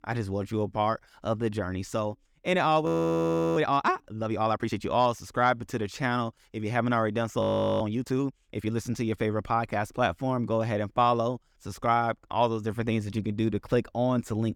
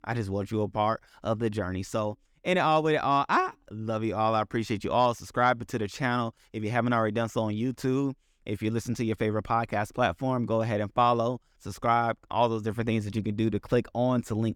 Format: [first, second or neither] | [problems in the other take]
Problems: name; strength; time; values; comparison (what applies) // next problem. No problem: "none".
second | audio freezing; at 3 s for 0.5 s and at 7.5 s